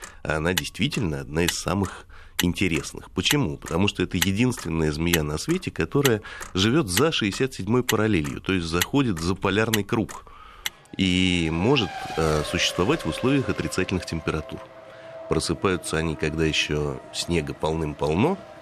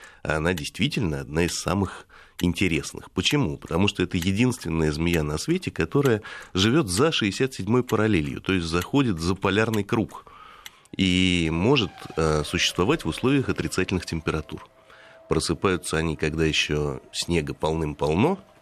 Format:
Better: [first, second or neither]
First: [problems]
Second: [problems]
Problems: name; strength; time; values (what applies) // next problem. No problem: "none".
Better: second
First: traffic noise; loud; throughout; 9 dB below the speech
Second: traffic noise; faint; throughout; 20 dB below the speech